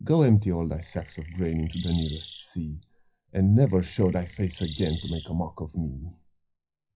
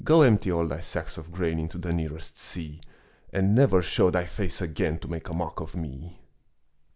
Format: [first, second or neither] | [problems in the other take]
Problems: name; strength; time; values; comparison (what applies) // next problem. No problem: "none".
second | noise reduction (classical method WPE with log-MMSE)